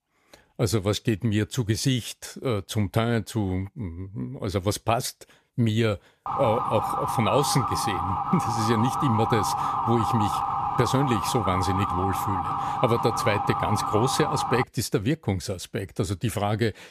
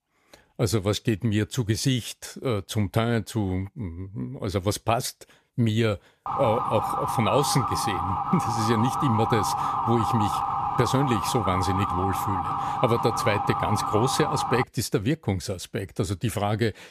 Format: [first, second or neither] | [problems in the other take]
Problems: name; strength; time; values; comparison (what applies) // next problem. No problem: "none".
neither | siren; loud; from 6.5 to 15 s; peak 1 dB above the speech; the same in both